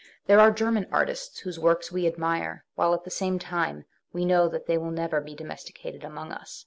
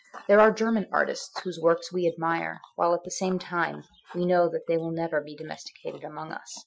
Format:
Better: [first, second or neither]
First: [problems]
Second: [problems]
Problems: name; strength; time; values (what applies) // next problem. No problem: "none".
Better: first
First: none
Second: noise reduction (classical method Wiener filter)